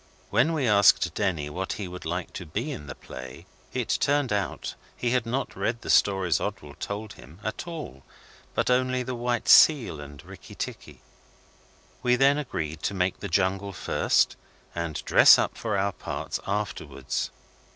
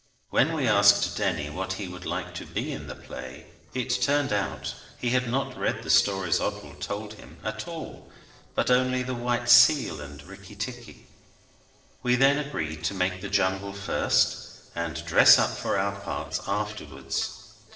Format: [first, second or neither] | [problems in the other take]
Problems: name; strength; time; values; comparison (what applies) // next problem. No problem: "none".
first | noise reduction (neural separator model SepFormer DNS4)